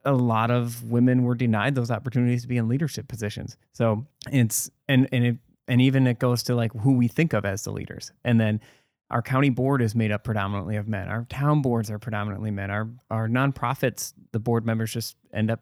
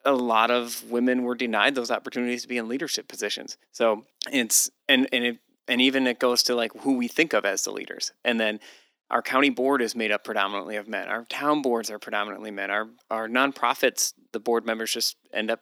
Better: first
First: none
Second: thin; somewhat; fading below 300 Hz

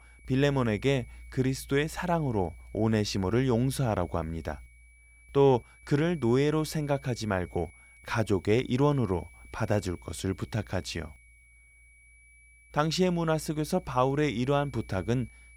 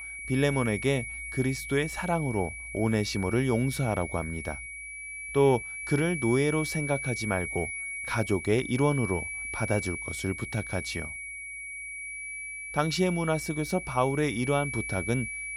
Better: first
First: high-pitched whine; faint; throughout; 2.5 kHz, 25 dB below the speech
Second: high-pitched whine; loud; throughout; 2.5 kHz, 6 dB below the speech

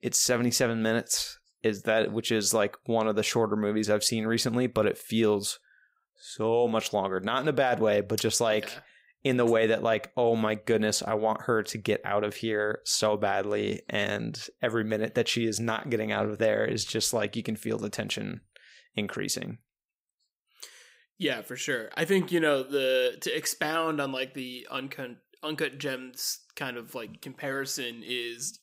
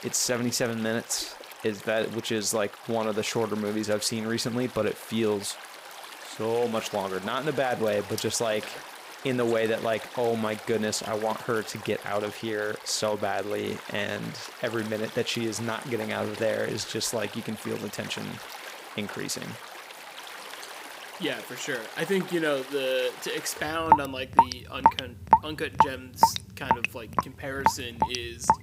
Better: first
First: none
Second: rain or running water; loud; throughout; 3 dB below the speech

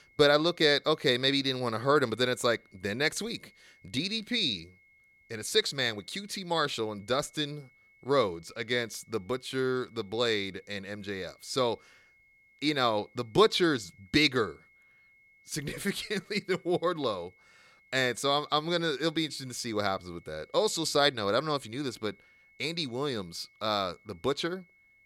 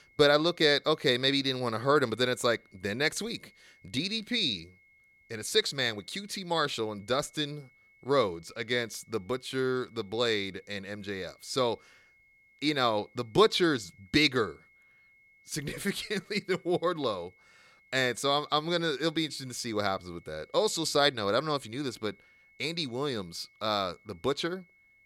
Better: neither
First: high-pitched whine; faint; throughout; 2 kHz, 30 dB below the speech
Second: high-pitched whine; faint; throughout; 2 kHz, 30 dB below the speech

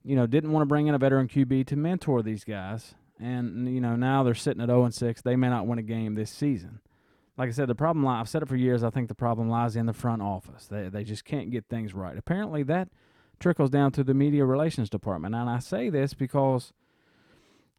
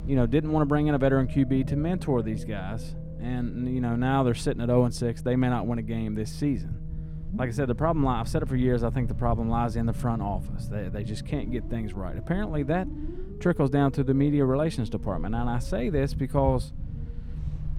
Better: first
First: none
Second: low rumble; noticeable; throughout; 15 dB below the speech

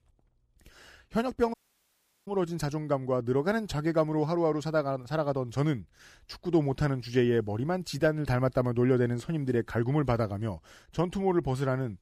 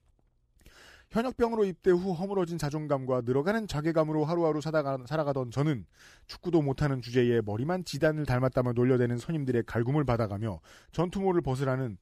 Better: second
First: audio cutting out; at 1.5 s for 0.5 s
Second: none

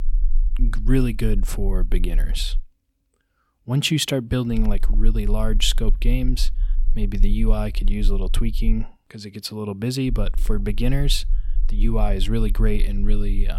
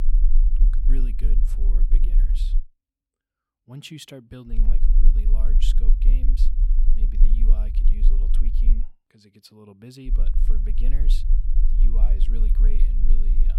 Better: first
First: low rumble; faint; until 2.5 s, from 4.5 to 9 s and from 10 s on; 25 dB below the speech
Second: low rumble; loud; until 2.5 s, from 4.5 to 9 s and from 10 s on; 4 dB below the speech

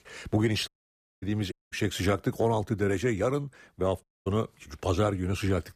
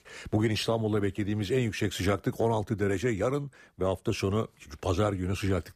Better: second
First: audio cutting out; at 0.5 s for 0.5 s, at 1.5 s and at 4 s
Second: none

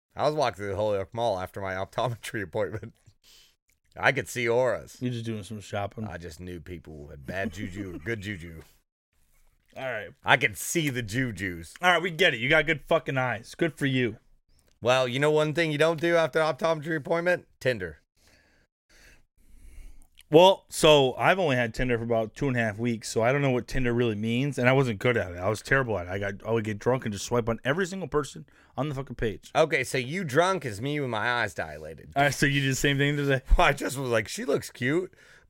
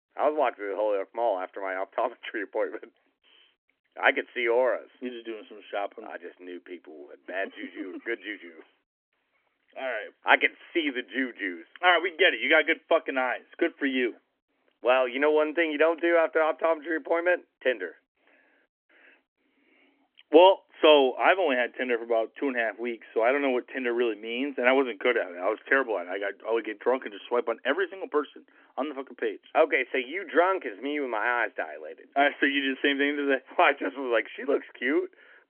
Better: first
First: none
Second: phone-call audio; nothing above 3.5 kHz

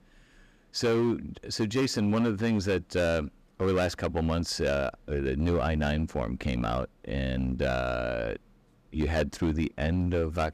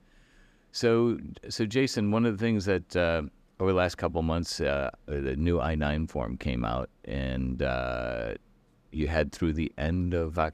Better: second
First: distortion; slight; 8% of the sound clipped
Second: none

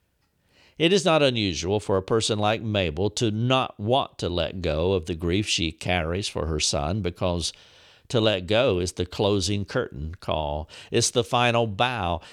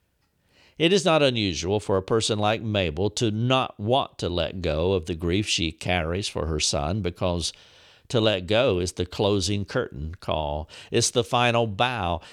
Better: neither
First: none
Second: none

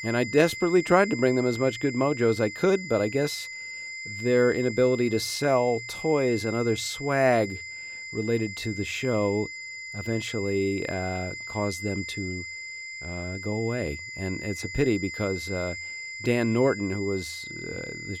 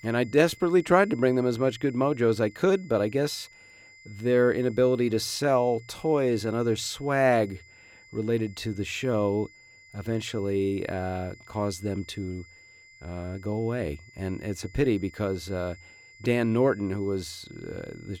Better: second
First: high-pitched whine; loud; throughout; 2 kHz, 9 dB below the speech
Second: high-pitched whine; faint; throughout; 2 kHz, 25 dB below the speech

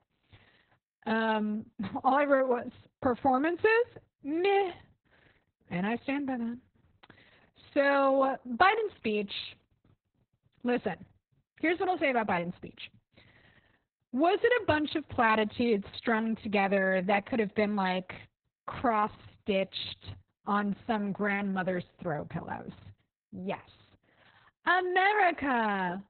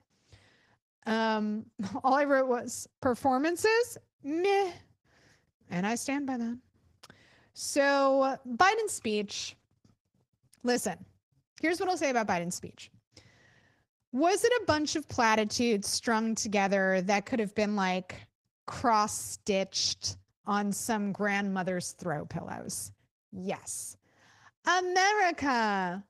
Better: second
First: garbled, watery; badly; nothing above 4 kHz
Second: garbled, watery; slightly; nothing above 15.5 kHz

